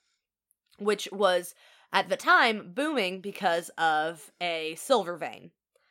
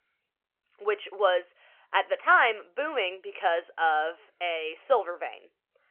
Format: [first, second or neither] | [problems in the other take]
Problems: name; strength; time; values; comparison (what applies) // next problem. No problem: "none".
first | phone-call audio; nothing above 3 kHz